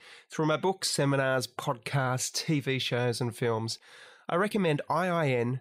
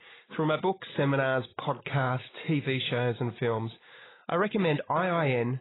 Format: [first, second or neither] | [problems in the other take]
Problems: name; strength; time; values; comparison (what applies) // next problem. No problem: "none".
first | garbled, watery; badly; nothing above 4 kHz